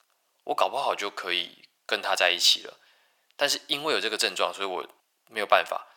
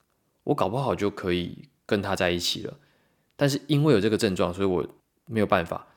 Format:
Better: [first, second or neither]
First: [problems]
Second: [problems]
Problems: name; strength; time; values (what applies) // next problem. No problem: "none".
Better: second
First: thin; very; fading below 850 Hz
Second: none